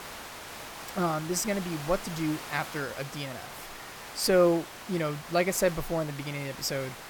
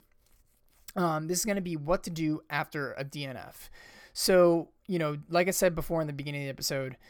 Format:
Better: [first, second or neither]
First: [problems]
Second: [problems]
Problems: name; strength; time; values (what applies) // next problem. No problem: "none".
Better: second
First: hiss; noticeable; throughout; 10 dB below the speech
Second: none